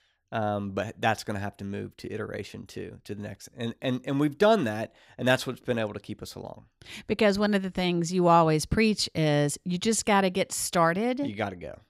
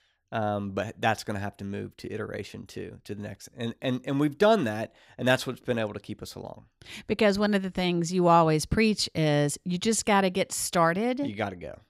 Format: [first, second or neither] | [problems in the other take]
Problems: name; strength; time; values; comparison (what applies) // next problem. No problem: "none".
neither | none